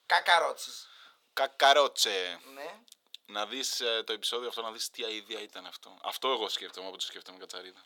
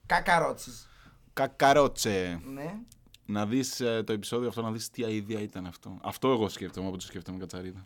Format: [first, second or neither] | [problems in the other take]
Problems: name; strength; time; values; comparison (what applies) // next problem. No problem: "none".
second | thin; very; fading below 500 Hz